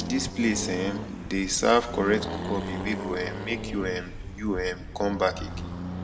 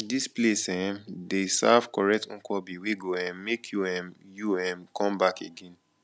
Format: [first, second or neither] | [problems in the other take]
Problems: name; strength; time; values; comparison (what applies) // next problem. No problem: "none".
second | background sound (Accelerating, revving, vroom); 6 dB below the speech // room echo; dies away in 1 s